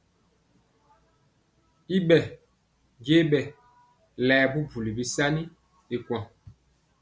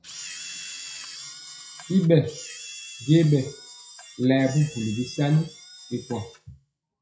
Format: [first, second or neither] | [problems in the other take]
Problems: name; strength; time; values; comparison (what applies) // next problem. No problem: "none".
first | noise reduction (classical method WPE with log-MMSE)